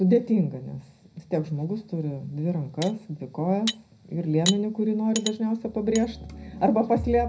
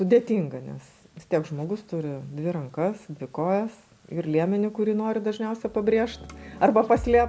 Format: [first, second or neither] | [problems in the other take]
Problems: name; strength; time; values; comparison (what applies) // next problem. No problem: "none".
second | background sound (Cutlery, silverware); 11 dB below the speech // room echo; dies away in 0.5 s